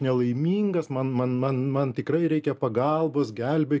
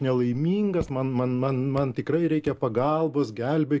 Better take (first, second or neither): first